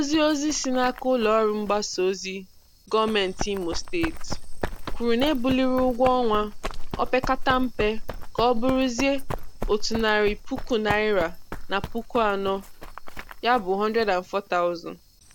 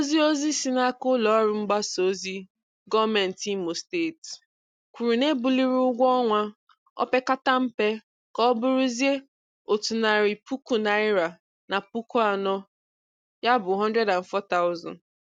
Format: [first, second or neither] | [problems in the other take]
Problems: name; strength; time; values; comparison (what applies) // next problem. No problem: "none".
second | background sound (Run); 6 dB below the speech